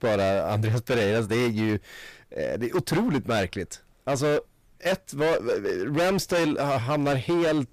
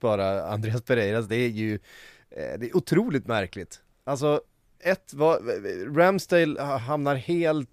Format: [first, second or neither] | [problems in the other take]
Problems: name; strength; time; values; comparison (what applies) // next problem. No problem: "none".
second | distortion; heavy; 20% of the sound clipped